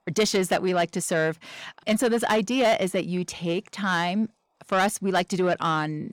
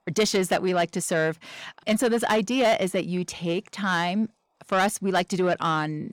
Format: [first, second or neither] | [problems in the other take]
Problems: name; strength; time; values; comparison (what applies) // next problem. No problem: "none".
neither | distortion; slight; 10 dB below the speech; the same in both